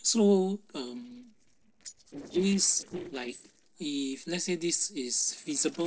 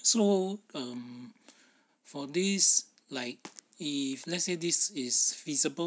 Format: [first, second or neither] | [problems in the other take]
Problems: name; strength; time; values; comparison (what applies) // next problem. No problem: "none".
second | noise reduction (neural separator model SepFormer DNS4)